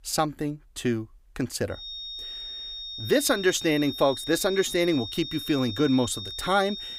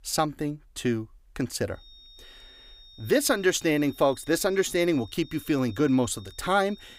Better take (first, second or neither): second